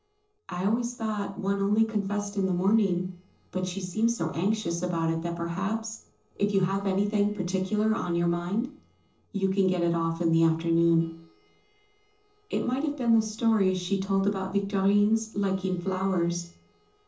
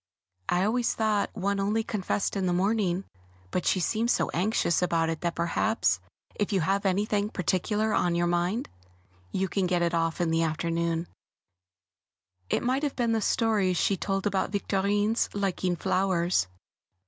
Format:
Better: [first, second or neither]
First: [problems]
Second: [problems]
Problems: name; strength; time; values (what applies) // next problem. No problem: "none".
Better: second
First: noise reduction (neural separator model SepFormer DNS4)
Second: none